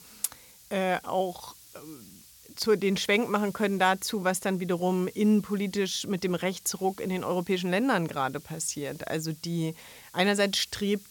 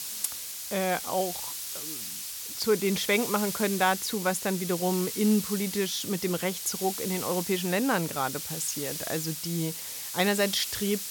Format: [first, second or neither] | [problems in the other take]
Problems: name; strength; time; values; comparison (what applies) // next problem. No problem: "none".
first | hiss; loud; throughout; 5 dB below the speech; faint in the first